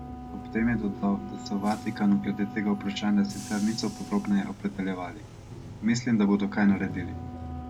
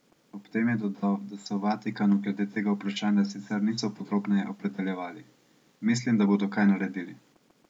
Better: second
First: background sound (Wind instrument, woodwind instrument + Bus / Engine); 11 dB below the speech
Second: none

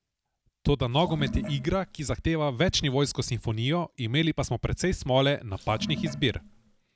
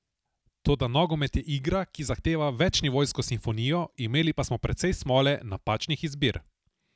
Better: second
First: background sound (Sink (filling or washing) / Water); 10 dB below the speech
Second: none

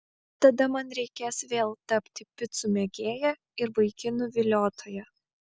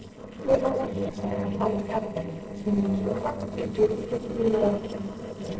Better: first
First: none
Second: noise reduction (neural separator model SepFormer DNS4)

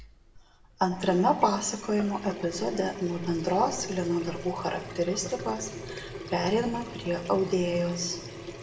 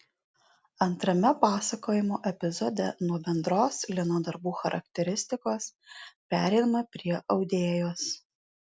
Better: second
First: background sound (Sink (filling or washing) / Water tap, faucet); 11 dB below the speech // room echo; dies away in 0.7 s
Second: none

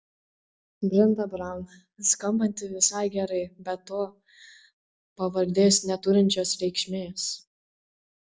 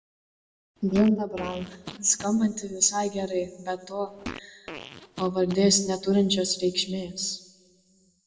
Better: first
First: none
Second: background sound (Fart); 14 dB below the speech // room echo; dies away in 1.1 s

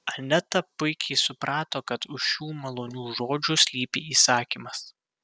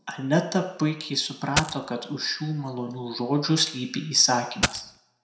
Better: first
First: none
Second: background sound (Coin (dropping)); 1 dB below the speech // room echo; dies away in 0.6 s

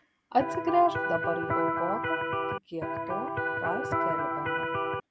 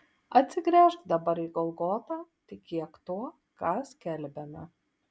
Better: second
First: background sound (Electric guitar); 2 dB above the speech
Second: none

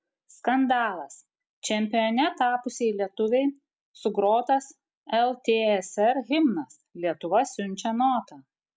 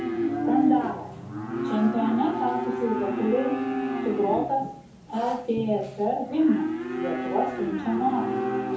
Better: first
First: none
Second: background sound (Livestock, farm animals, working animals); 2 dB below the speech // room echo; dies away in 0.5 s

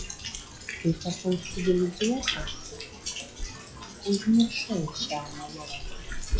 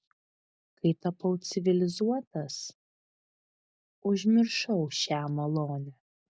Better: second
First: noise reduction (classical method log-MMSE)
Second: none

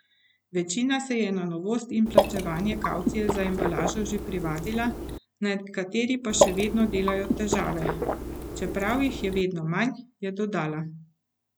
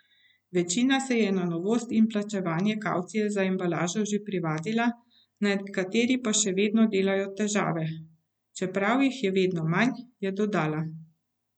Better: second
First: background sound (Water / Liquid); as loud as the speech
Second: none

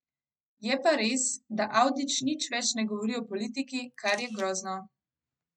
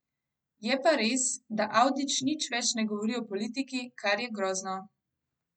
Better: second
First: noise reduction (neural mask model RNNoise)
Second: none

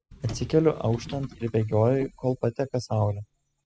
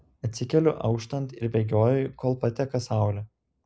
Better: second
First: noise reduction (classical method spectral subtraction)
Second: none

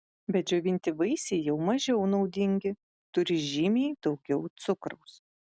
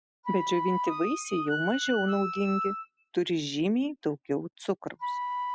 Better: first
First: none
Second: noise reduction (classical method spectral subtraction)

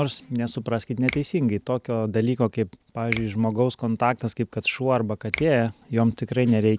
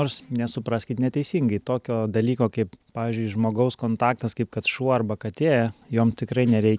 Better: second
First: background sound (Finger snapping); 15 dB below the speech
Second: none

